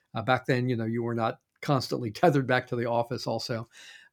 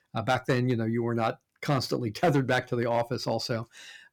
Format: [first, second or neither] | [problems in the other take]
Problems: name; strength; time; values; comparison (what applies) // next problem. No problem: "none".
first | distortion; slight; 3% of the sound clipped